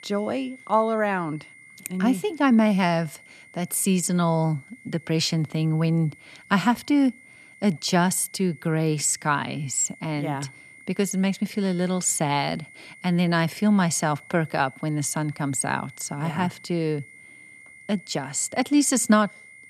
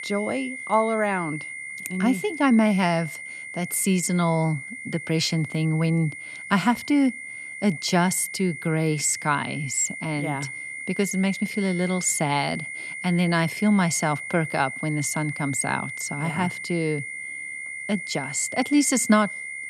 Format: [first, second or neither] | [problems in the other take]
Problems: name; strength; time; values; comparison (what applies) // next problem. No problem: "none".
first | high-pitched whine; loud; throughout; 2 kHz, 9 dB below the speech; faint in the first